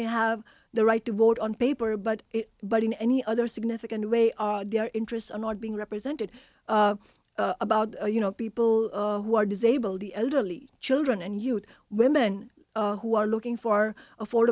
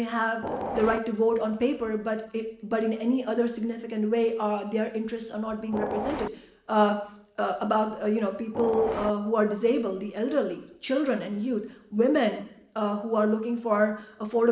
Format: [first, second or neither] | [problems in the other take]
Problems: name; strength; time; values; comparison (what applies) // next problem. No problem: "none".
first | background sound (Train); 5 dB below the speech // room echo; dies away in 0.7 s